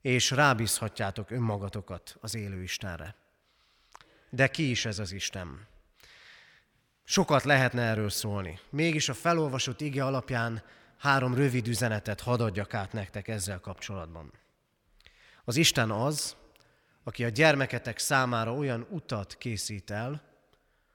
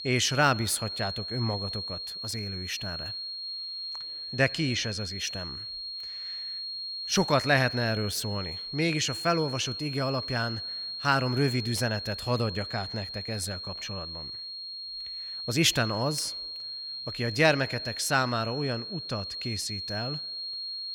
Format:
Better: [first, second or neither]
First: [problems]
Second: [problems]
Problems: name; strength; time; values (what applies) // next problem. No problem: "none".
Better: first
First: none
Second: high-pitched whine; loud; throughout; 4.5 kHz, 6 dB below the speech